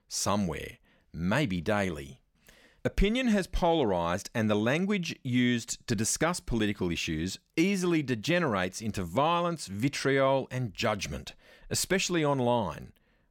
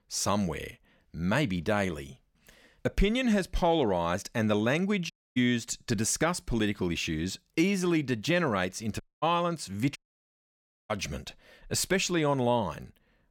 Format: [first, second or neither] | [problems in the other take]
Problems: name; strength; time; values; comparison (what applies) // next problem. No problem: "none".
first | audio cutting out; at 5 s, at 9 s and at 10 s for 1 s